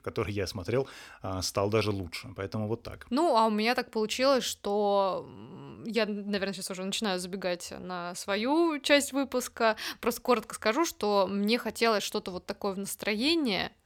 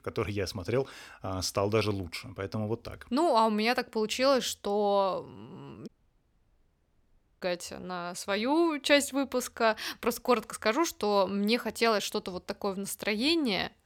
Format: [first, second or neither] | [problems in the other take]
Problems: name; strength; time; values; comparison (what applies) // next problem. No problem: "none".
first | audio cutting out; at 6 s for 1.5 s